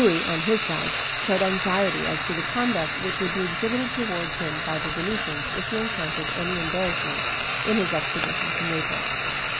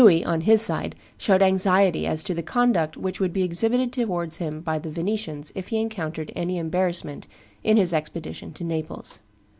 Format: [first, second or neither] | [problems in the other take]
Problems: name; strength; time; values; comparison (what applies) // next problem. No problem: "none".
second | background sound (Frying (food)); as loud as the speech